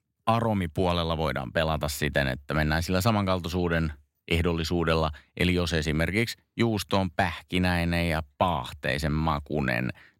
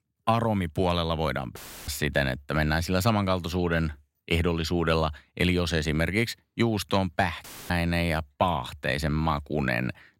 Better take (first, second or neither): first